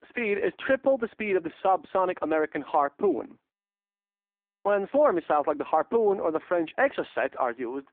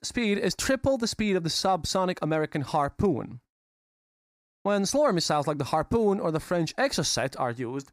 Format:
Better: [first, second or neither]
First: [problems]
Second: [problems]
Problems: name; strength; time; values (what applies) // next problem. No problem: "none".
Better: second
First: phone-call audio; poor line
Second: none